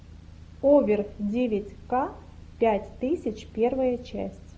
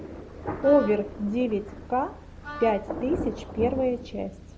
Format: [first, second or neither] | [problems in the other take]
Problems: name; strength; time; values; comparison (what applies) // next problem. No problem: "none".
first | background sound (Wind instrument, woodwind instrument + Thunder); 10 dB below the speech